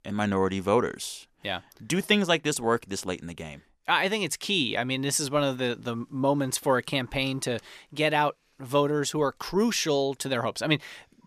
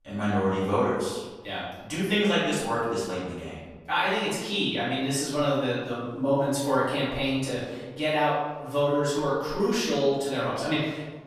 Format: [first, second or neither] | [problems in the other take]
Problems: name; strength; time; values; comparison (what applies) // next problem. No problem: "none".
first | off-mic speech; far // room echo; noticeable; dies away in 1.2 s